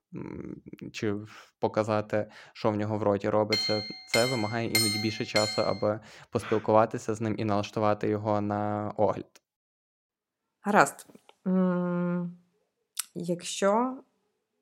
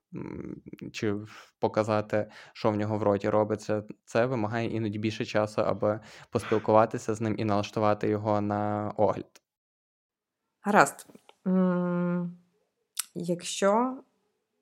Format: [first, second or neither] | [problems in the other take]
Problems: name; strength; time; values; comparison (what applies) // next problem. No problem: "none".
second | clattering dishes; loud; from 3.5 to 5.5 s; peak 3 dB above the speech